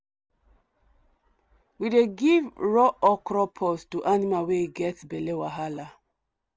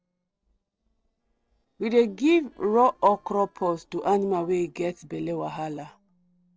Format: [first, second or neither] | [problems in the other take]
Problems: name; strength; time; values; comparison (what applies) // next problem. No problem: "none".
first | noise reduction (neural separator model SepFormer DNS4)